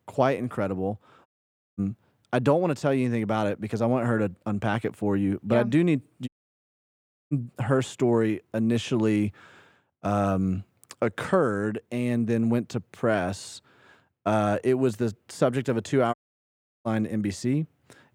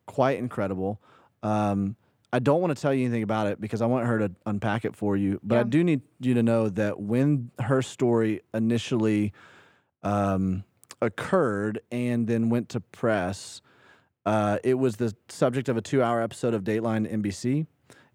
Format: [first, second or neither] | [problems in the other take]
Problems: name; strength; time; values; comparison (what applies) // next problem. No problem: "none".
second | audio cutting out; at 1.5 s for 0.5 s, at 6.5 s for 1 s and at 16 s for 0.5 s